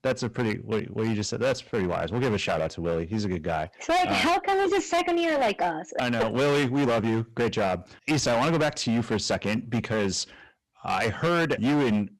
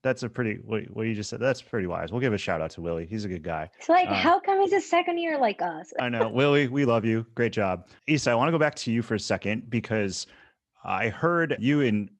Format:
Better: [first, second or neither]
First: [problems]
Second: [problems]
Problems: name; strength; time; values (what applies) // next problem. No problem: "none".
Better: second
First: distortion; heavy; 17% of the sound clipped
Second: none